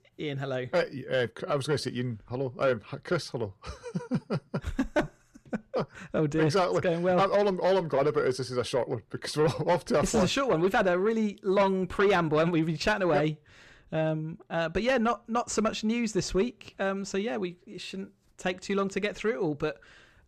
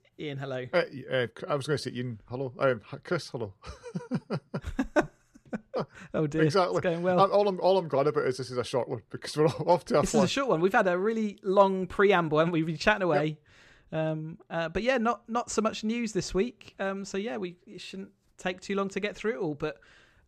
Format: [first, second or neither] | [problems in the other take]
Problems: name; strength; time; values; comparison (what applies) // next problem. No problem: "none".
second | distortion; slight; 10 dB below the speech